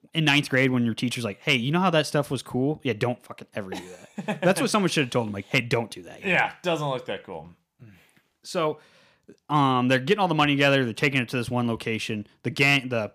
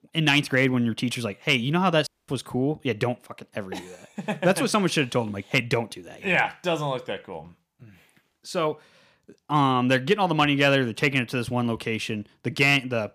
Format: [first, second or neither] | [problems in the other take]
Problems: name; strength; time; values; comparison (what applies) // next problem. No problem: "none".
first | audio cutting out; at 2 s